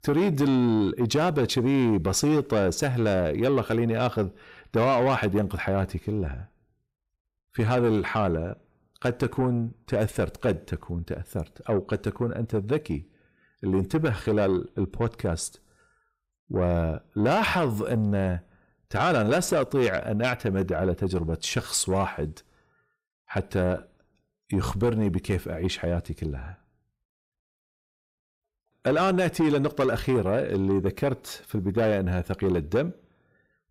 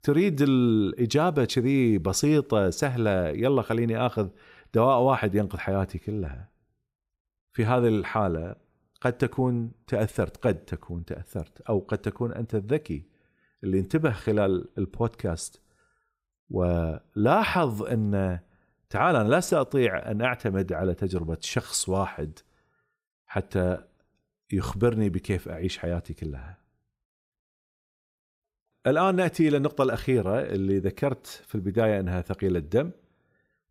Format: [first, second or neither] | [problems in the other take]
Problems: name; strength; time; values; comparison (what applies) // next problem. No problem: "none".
second | distortion; slight; 10 dB below the speech